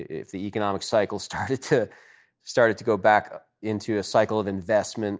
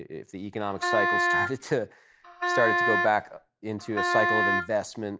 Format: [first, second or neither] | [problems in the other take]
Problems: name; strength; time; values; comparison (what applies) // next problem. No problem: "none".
first | background sound (Wind instrument, woodwind instrument); 2 dB above the speech